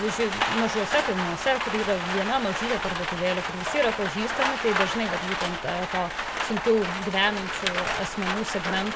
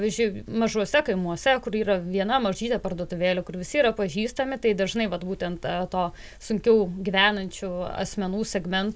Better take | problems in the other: second | background sound (Rain); 2 dB below the speech

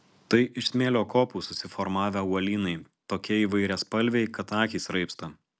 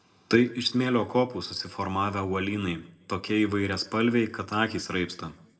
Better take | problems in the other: first | room echo; dies away in 0.5 s

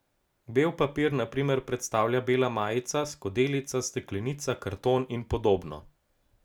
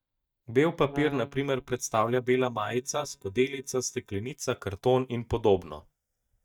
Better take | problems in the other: first | noise reduction (neural mask model DeepFilterNet 3)

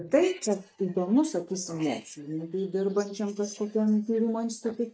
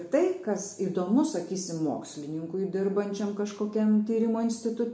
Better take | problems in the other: second | noise reduction (neural mask model DeepFilterNet 3)

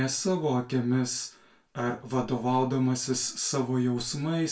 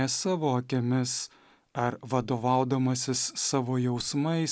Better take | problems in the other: second | room echo; dies away in 0.3 s

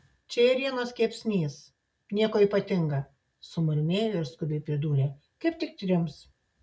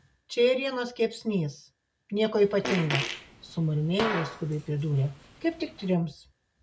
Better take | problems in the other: first | background sound (Fart); 8 dB below the speech

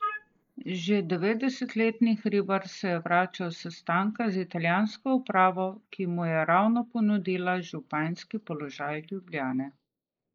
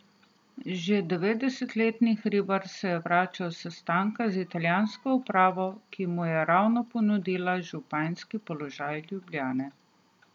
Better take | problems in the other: second | noise reduction (neural mask model Resemble Enhance denoiser)

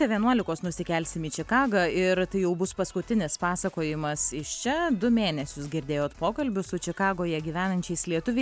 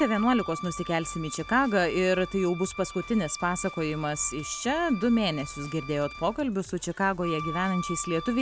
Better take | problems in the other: first | background sound (Wind instrument, woodwind instrument); 12 dB below the speech

